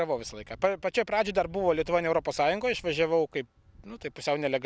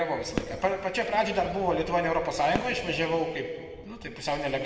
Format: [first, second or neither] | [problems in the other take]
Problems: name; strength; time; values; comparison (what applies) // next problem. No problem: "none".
first | background sound (Fireworks); 13 dB below the speech // room echo; dies away in 1.5 s